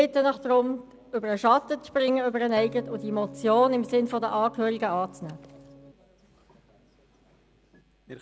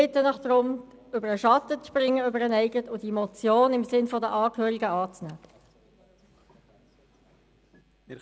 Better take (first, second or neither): second